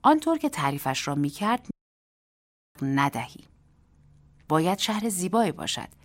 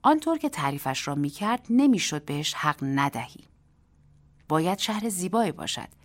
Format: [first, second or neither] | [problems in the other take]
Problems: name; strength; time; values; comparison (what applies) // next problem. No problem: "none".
second | audio cutting out; at 1.5 s for 1 s